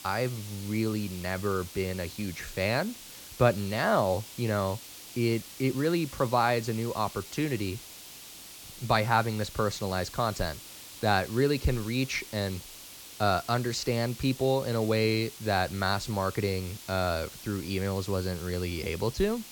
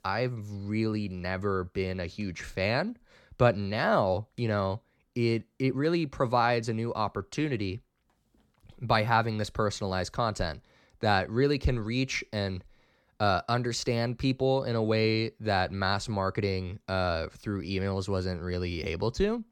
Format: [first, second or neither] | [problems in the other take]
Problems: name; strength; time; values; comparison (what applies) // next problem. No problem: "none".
second | hiss; noticeable; throughout; 15 dB below the speech